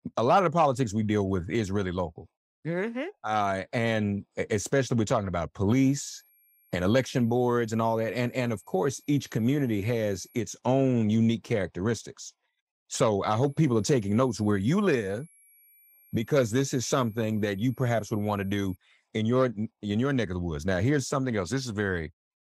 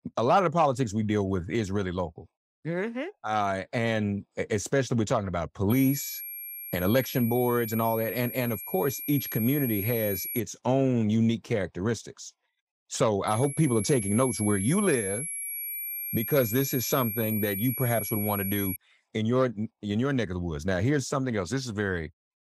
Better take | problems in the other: first | high-pitched whine; loud; from 5.5 to 10 s and from 13 to 19 s; 11 kHz, 5 dB below the speech; faint in the first

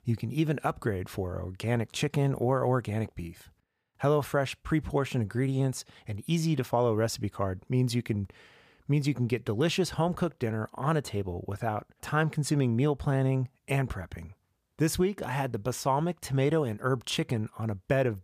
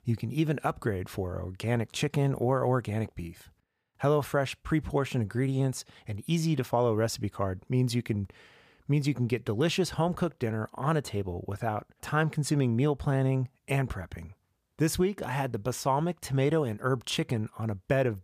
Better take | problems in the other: neither | none

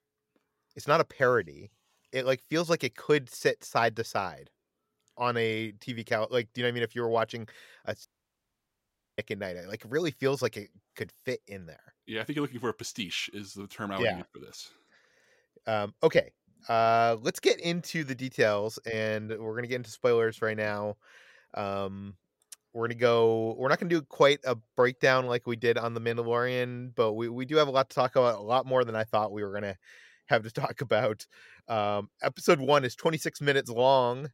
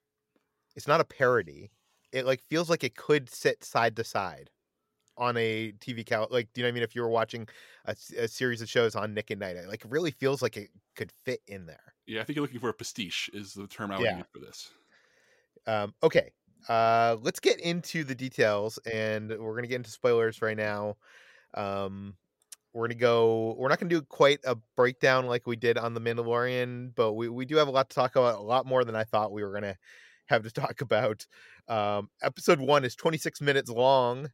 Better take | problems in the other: second | audio cutting out; at 8 s for 1 s

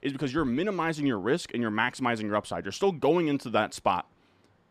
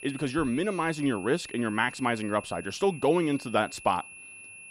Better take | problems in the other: first | high-pitched whine; noticeable; throughout; 2.5 kHz, 15 dB below the speech

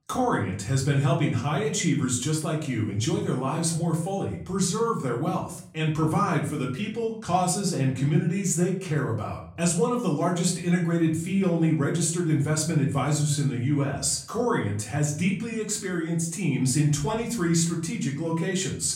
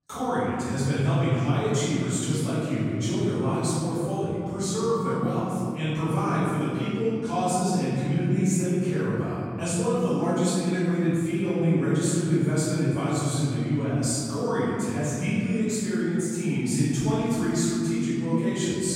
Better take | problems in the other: first | room echo; strong; dies away in 2.9 s; slight in the first // off-mic speech; far; far in the first

